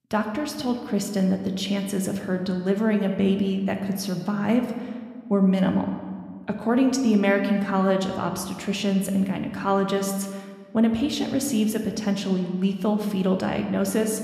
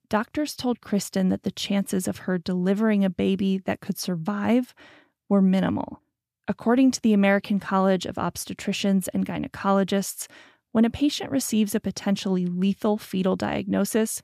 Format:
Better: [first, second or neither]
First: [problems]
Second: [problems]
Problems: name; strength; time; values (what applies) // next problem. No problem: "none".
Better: second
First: room echo; slight; dies away in 1.3 s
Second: none